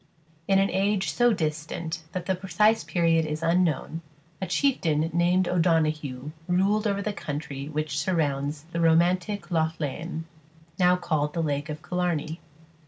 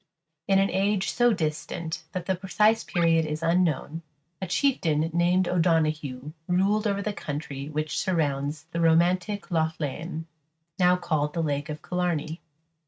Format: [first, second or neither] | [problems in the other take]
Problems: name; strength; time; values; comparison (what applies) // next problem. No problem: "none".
first | noise reduction (neural mask model RNNoise)